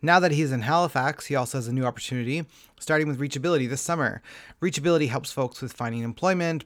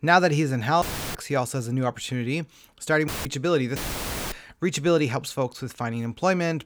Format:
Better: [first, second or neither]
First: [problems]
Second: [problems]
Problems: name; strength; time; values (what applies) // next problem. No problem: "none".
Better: first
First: none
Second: audio cutting out; filled with static; at 1 s, at 3 s and at 4 s for 0.5 s